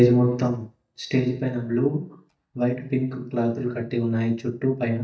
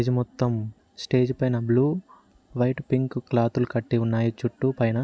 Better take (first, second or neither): second